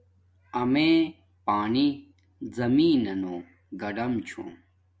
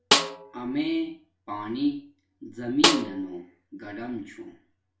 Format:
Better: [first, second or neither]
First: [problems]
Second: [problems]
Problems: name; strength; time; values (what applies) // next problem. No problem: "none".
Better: first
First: none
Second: background sound (Snare drum); 4 dB above the speech // room echo; dies away in 0.3 s